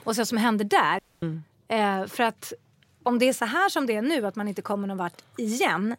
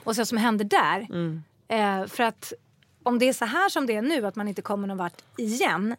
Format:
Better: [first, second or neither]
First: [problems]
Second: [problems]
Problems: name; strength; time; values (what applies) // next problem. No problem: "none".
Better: second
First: audio cutting out; at 1 s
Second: none